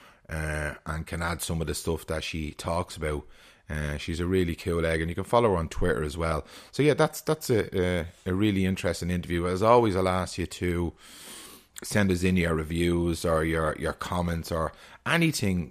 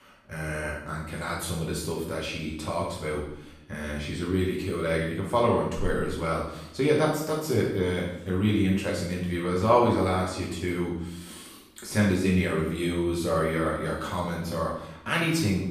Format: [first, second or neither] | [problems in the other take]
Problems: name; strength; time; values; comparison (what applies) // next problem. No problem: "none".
first | room echo; noticeable; dies away in 0.7 s // off-mic speech; far